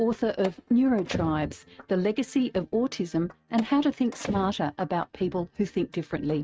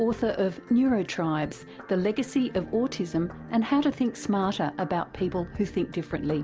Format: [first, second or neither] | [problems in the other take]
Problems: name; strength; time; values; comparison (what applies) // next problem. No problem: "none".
second | noise reduction (neural mask model RNNoise)